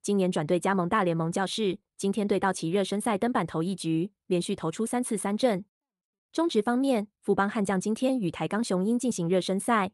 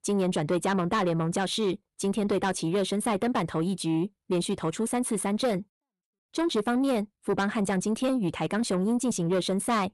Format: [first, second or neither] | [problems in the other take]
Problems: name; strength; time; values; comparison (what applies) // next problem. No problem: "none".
first | distortion; slight; 10 dB below the speech